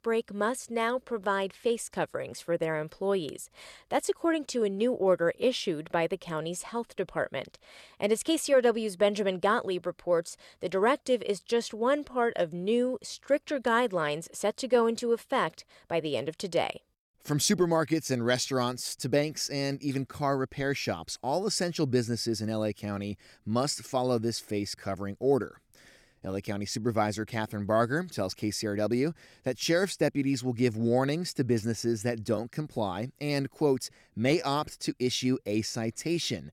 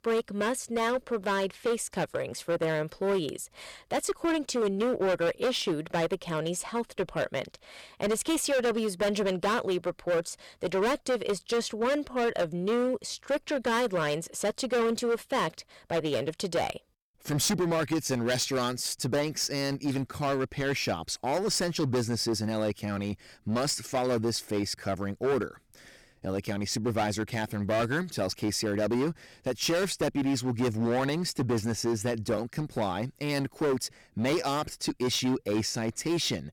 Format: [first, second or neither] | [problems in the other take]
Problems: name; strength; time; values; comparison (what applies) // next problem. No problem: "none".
first | distortion; heavy; 14% of the sound clipped